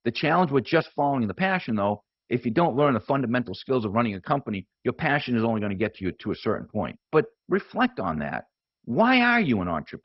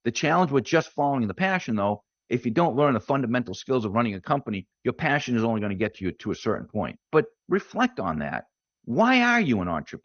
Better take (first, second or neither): second